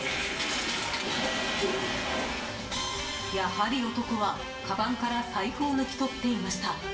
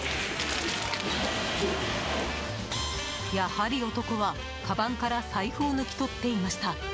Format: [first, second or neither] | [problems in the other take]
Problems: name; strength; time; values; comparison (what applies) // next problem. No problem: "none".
second | room echo; dies away in 0.8 s